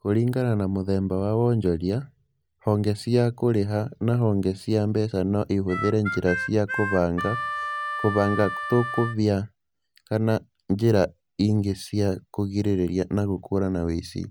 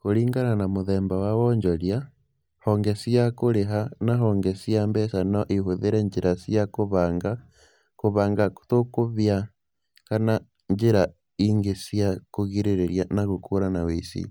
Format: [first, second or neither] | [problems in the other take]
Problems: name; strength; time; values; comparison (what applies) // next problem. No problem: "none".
second | background sound (Harmonica); 7 dB below the speech